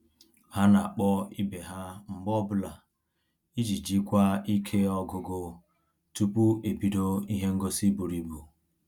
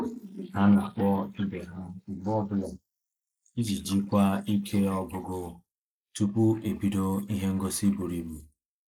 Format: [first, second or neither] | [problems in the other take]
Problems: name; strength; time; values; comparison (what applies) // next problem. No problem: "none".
first | noise reduction (neural mask model Resemble Enhance denoiser)